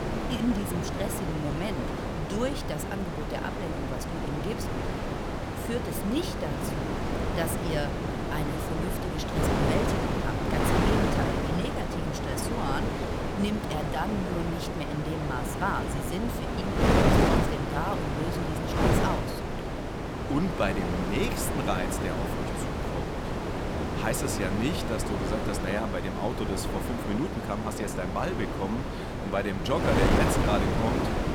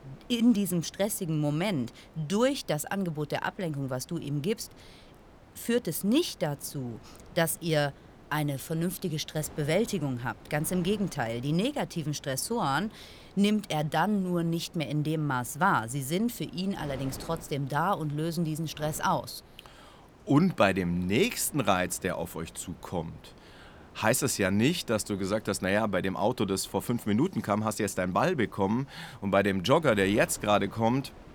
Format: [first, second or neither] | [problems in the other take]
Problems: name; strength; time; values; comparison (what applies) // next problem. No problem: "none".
second | wind noise on the microphone; heavy; 2 dB above the speech; occasional gusts in the second